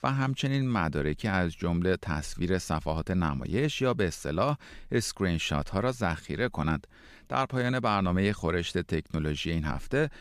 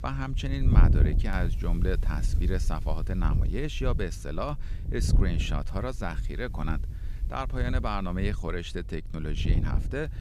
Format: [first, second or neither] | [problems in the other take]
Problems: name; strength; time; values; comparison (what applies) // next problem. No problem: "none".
first | wind noise on the microphone; heavy; 9 dB below the speech